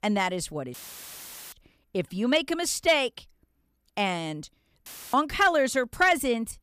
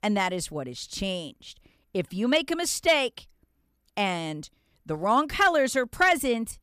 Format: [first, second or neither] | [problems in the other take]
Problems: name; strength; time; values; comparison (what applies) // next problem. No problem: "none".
second | audio cutting out; filled with static; at 0.5 s for 1 s and at 5 s